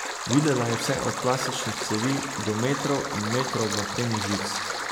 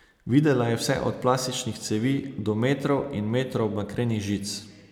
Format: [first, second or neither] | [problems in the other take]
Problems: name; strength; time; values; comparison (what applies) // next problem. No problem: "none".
second | background sound (Stream); 3 dB below the speech